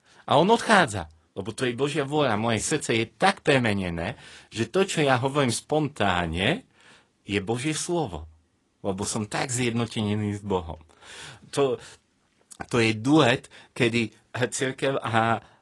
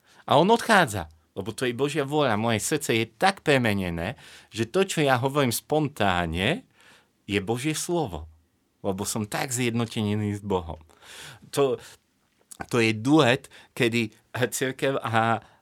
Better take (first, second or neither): second